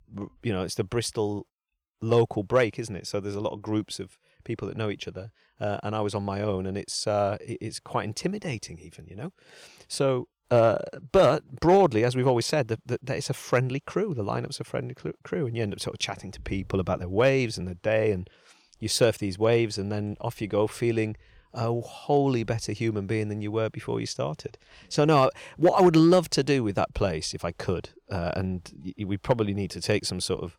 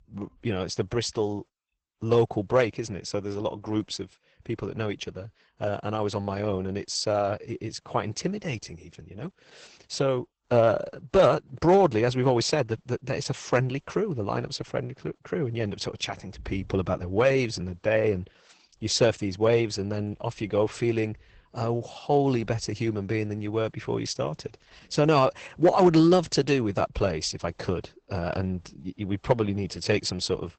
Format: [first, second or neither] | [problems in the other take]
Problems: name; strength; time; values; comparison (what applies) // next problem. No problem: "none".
first | garbled, watery; badly; nothing above 8 kHz